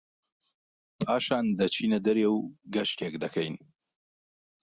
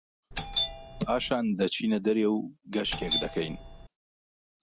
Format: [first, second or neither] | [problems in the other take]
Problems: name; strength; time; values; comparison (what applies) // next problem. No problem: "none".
first | background sound (Doorbell); 3 dB below the speech